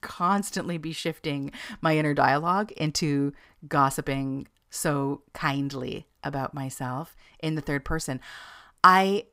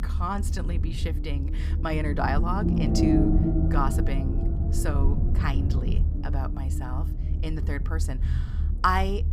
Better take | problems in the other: first | low rumble; loud; throughout; 5 dB below the speech

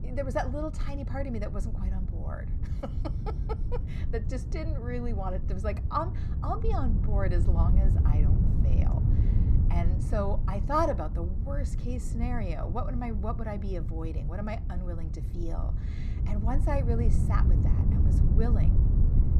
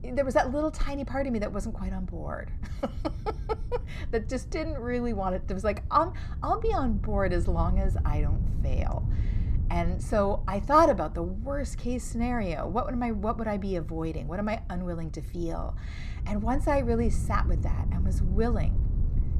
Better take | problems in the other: second | wind noise on the microphone; heavy; 8 dB below the speech; occasional gusts in the second

